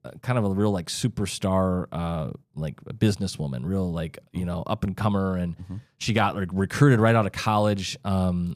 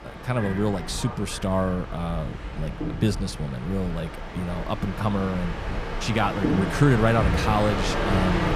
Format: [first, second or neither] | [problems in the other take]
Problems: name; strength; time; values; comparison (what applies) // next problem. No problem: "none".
first | train or aircraft noise; loud; throughout; 4 dB below the speech